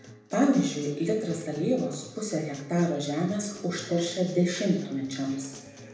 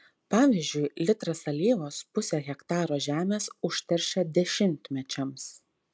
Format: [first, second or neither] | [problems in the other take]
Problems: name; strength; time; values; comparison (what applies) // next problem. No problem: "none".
second | background sound (Acoustic guitar); 19 dB below the speech // room echo; dies away in 0.8 s